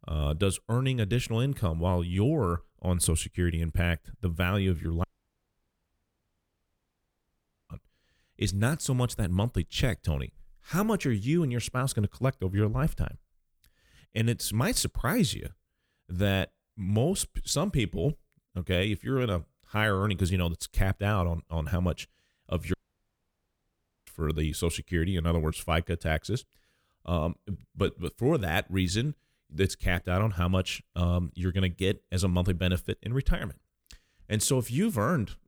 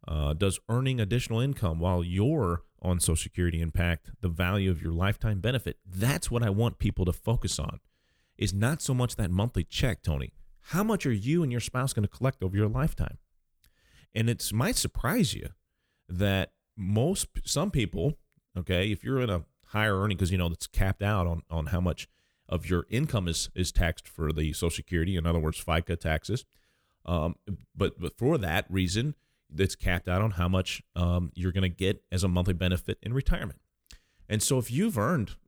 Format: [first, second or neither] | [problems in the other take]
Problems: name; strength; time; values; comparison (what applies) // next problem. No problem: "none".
second | audio cutting out; at 5 s for 2.5 s and at 23 s for 1.5 s